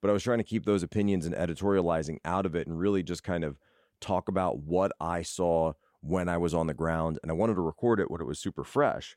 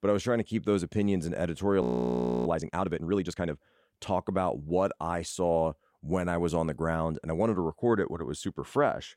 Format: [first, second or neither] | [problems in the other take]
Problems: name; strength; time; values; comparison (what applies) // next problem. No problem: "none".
first | audio freezing; at 2 s for 0.5 s